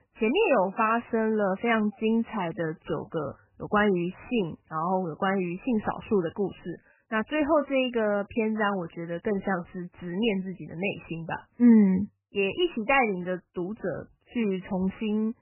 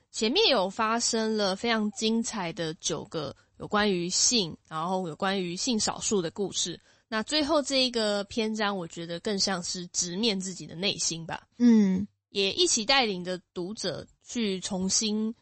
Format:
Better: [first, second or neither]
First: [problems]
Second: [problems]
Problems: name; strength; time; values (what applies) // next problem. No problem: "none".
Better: second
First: garbled, watery; badly; nothing above 3 kHz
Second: garbled, watery; slightly; nothing above 8 kHz